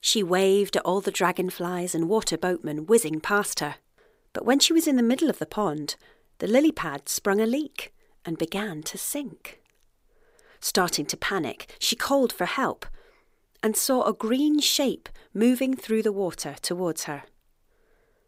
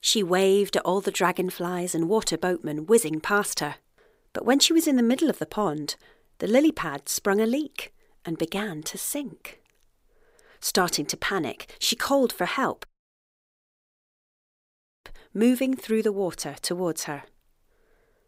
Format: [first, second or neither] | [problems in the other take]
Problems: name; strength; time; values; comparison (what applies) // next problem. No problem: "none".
first | audio cutting out; at 13 s for 2 s